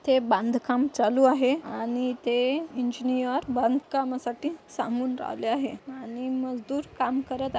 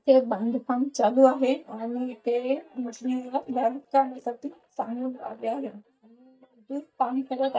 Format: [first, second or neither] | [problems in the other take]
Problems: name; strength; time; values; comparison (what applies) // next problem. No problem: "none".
first | noise reduction (neural mask model DeepFilterNet 3)